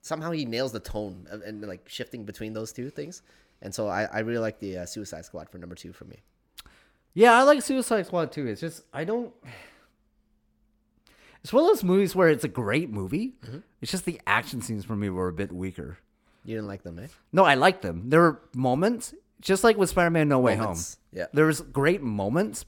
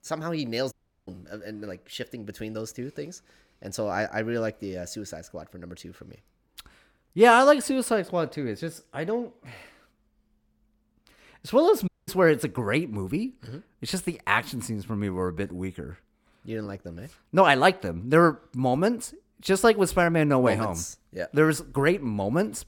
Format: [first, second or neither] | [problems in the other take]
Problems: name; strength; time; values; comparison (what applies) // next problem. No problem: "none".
first | audio cutting out; at 0.5 s and at 12 s